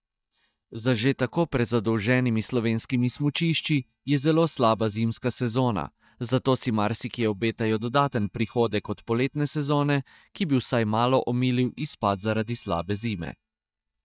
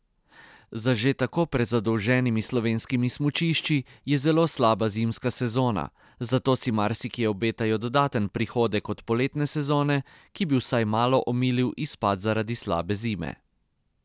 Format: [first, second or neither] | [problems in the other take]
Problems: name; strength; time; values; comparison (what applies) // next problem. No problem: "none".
second | noise reduction (neural mask model DeepFilterNet 3)